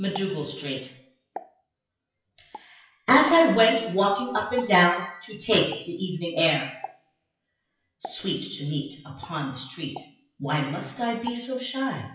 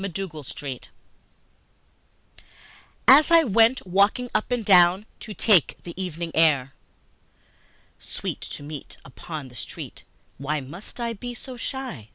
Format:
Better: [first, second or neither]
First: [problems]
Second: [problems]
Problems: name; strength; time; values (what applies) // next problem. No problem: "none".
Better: second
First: noise reduction (classical method WPE with log-MMSE)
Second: none